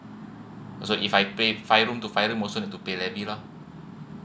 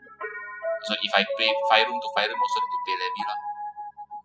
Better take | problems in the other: first | noise reduction (classical method spectral subtraction)

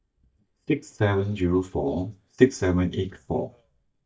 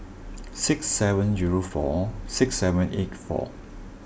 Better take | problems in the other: second | noise reduction (neural mask model DeepFilterNet 3)

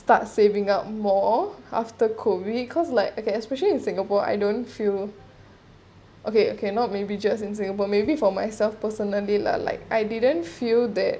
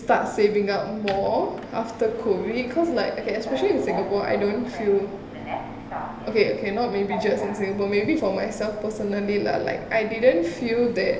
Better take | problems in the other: first | background sound (Subway, metro, underground); 12 dB below the speech // room echo; dies away in 1.4 s

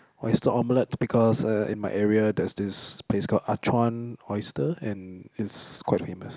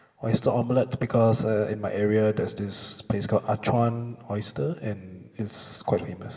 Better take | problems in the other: first | room echo; dies away in 1.6 s

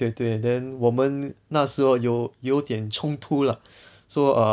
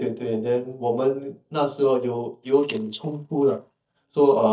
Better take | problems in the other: first | noise reduction (neural mask model DeepFilterNet 3)

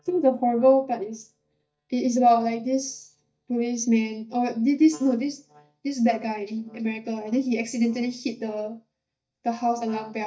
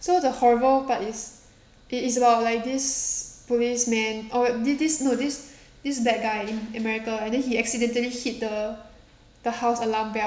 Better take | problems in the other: second | noise reduction (neural mask model DeepFilterNet 3)

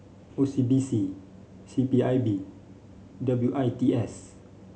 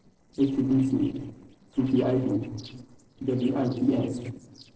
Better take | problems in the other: first | noise reduction (neural separator model SepFormer DNS4)

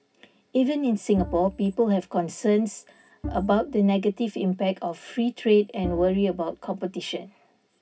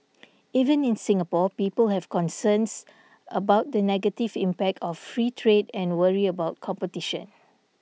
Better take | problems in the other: second | background sound (Bowed string instrument); 15 dB below the speech // room echo; dies away in 0.4 s

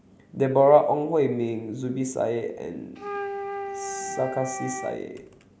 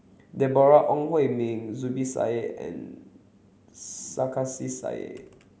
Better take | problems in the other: second | background sound (Wind instrument, woodwind instrument); 9 dB below the speech

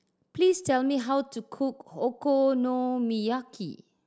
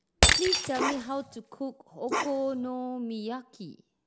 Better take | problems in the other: first | background sound (Bark + Shatter); 3 dB above the speech

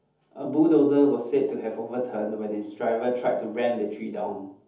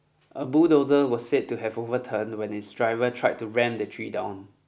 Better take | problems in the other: second | room echo; dies away in 0.6 s

